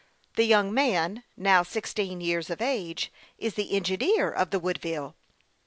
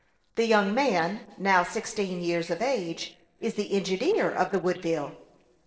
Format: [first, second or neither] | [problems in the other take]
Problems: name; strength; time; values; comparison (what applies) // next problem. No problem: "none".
first | noise reduction (neural separator model SepFormer DNS4)